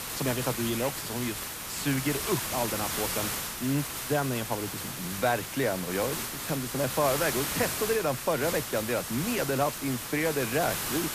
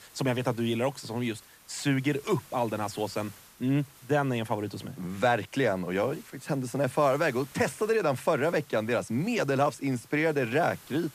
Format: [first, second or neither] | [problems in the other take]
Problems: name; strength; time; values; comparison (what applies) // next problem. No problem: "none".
second | hiss; loud; throughout; 2 dB below the speech; faint in the second